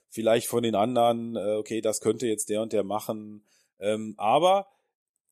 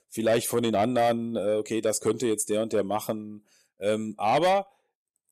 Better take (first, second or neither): first